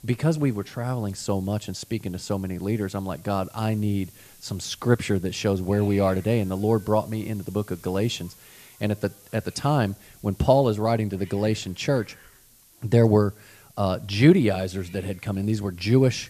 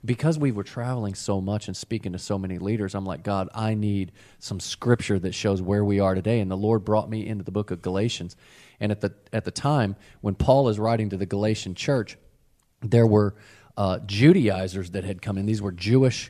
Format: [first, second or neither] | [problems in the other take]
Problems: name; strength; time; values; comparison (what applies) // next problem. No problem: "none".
second | hiss; faint; throughout; 25 dB below the speech